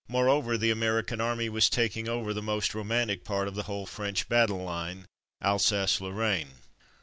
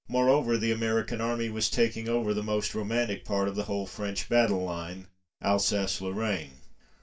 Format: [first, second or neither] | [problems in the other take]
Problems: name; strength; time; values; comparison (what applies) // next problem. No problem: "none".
first | room echo; dies away in 0.2 s